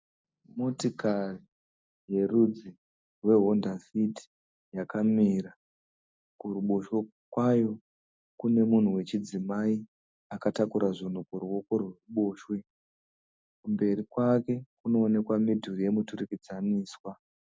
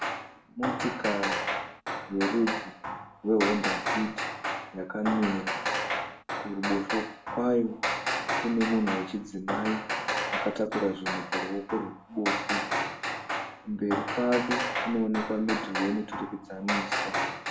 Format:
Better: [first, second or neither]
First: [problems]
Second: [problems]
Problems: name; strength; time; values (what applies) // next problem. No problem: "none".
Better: first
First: none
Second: background sound (Hammer); 1 dB below the speech // room echo; dies away in 0.3 s